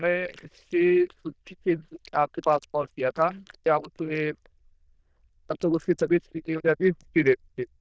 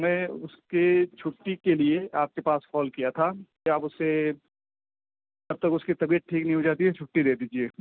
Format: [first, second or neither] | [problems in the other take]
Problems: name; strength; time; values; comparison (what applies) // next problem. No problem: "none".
second | noise reduction (neural diffusion model UNIVERSE++)